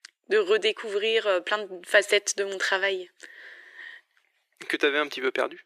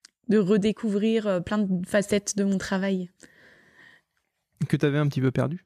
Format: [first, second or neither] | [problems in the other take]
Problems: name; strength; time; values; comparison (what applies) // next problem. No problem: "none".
second | thin; very; fading below 350 Hz